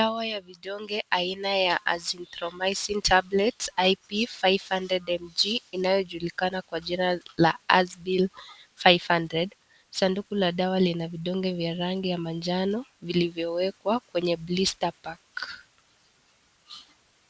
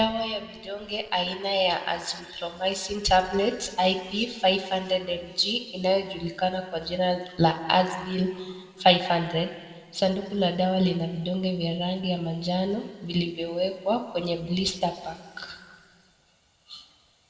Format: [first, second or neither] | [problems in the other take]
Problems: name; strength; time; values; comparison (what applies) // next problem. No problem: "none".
first | room echo; dies away in 1.8 s